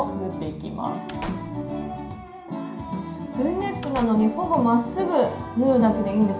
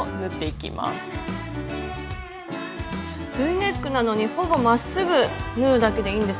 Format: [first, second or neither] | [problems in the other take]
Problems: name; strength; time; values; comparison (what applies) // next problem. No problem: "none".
second | background sound (Slam / Wood); 19 dB below the speech // room echo; dies away in 0.5 s